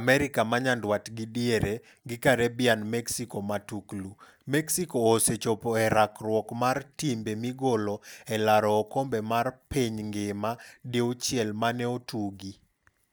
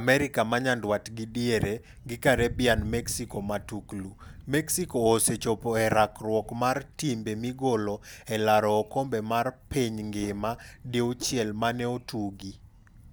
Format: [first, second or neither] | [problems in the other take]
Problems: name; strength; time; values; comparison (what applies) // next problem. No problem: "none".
first | background sound (Whoosh, swoosh, swish + Thunder); 17 dB below the speech